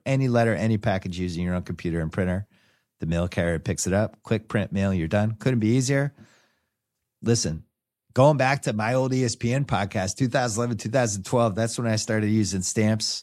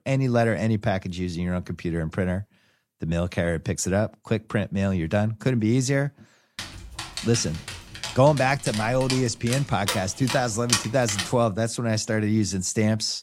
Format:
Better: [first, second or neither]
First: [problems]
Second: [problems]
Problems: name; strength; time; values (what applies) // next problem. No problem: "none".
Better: first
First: none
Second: dog barking; loud; from 6.5 to 11 s; peak level with the speech